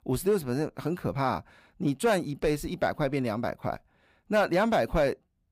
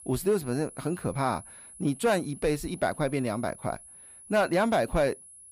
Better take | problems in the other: first | high-pitched whine; noticeable; throughout; 10.5 kHz, 20 dB below the speech

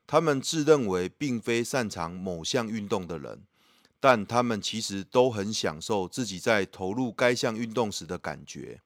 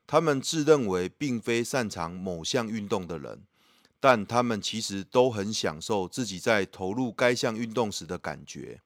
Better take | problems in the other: neither | none

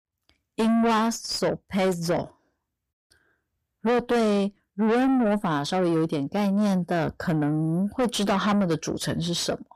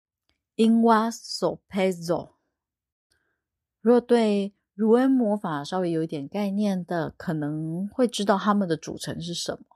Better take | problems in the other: second | distortion; heavy; 6 dB below the speech

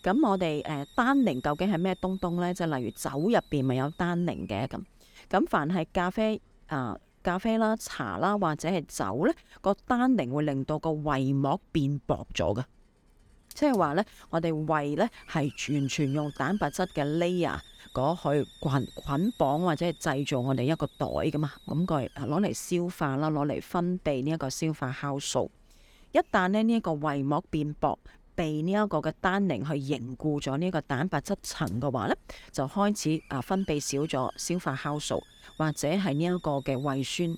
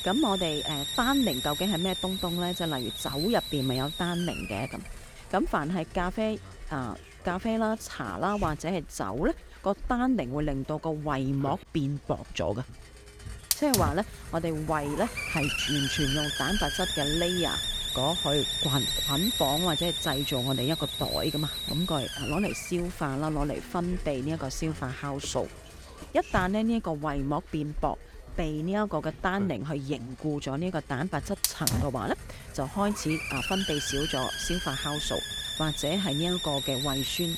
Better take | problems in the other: first | hiss; loud; throughout; 1 dB below the speech; faint in the first

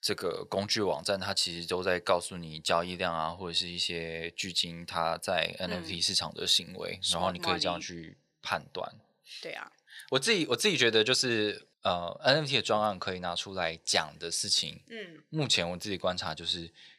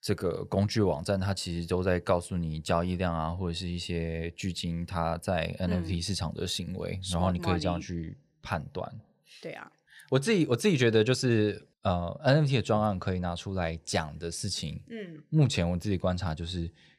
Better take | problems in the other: second | thin; somewhat; fading below 800 Hz

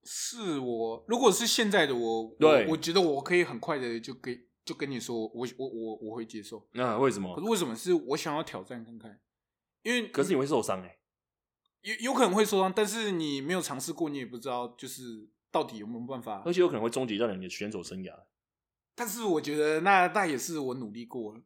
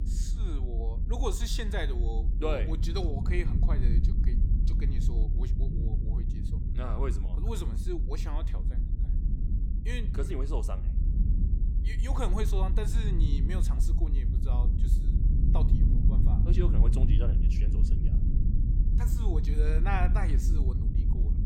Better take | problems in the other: first | low rumble; loud; throughout; 6 dB below the speech

